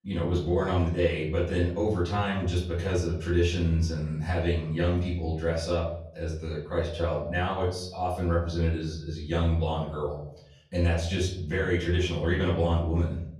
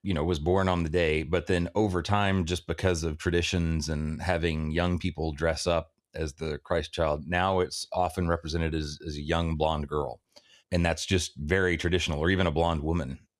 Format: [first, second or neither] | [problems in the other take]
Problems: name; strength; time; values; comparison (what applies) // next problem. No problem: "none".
second | off-mic speech; far // room echo; noticeable; dies away in 0.8 s